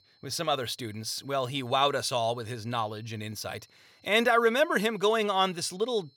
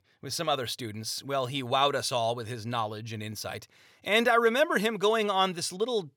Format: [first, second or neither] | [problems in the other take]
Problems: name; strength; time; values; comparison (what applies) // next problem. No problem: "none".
second | high-pitched whine; faint; throughout; 4 kHz, 35 dB below the speech